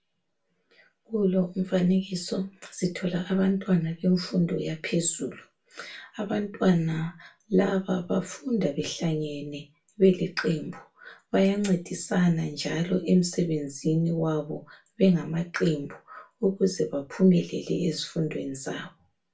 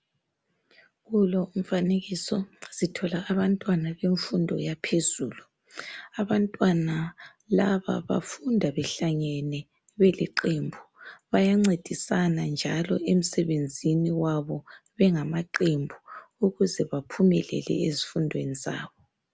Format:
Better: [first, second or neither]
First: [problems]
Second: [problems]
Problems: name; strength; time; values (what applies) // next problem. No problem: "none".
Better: second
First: room echo; dies away in 0.2 s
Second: none